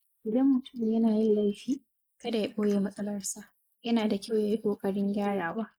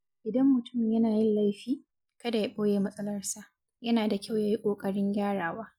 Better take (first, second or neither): second